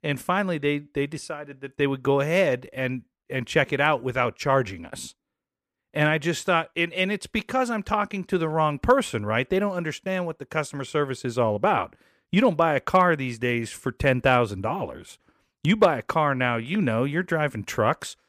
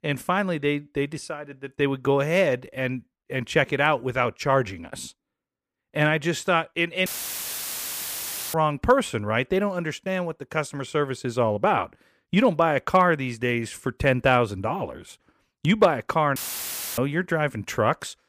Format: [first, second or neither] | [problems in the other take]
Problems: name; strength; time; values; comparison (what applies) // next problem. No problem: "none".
first | audio cutting out; filled with static; at 7 s for 1.5 s and at 16 s for 0.5 s